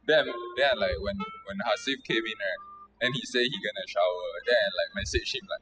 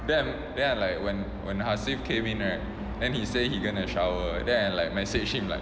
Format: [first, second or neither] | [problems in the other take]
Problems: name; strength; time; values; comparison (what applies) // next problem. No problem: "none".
second | noise reduction (classical method spectral subtraction)